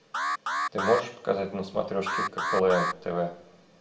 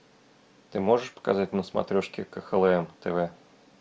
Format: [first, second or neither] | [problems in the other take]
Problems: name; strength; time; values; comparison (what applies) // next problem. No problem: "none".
second | background sound (Alarm); 3 dB below the speech // room echo; dies away in 0.9 s